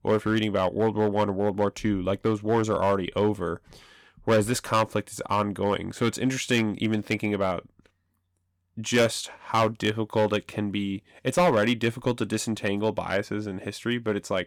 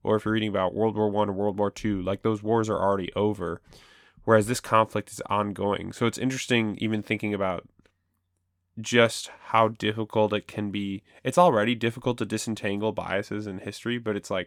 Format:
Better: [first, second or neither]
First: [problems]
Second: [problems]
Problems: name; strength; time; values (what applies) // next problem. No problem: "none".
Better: second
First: distortion; slight; 3% of the sound clipped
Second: none